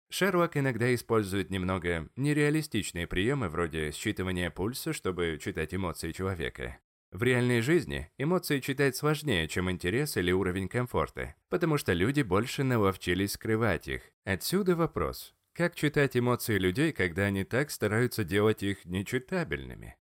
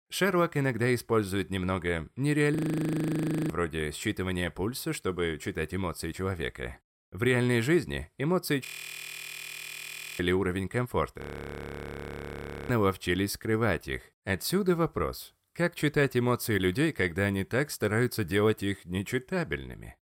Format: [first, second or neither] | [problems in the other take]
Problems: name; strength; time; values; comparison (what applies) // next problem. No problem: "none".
first | audio freezing; at 2.5 s for 1 s, at 8.5 s for 1.5 s and at 11 s for 1.5 s